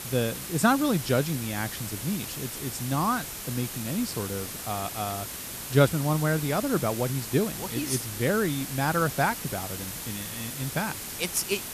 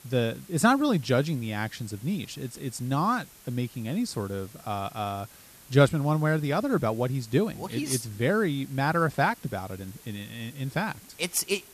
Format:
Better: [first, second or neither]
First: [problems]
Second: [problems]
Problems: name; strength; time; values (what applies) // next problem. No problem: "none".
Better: second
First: hiss; loud; throughout; 6 dB below the speech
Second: hiss; faint; throughout; 20 dB below the speech